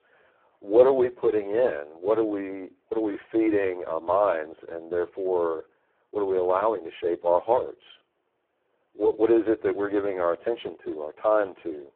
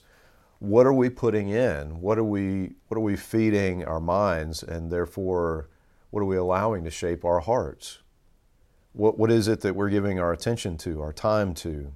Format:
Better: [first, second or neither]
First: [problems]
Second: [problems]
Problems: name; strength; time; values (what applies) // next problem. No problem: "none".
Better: second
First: phone-call audio; poor line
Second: none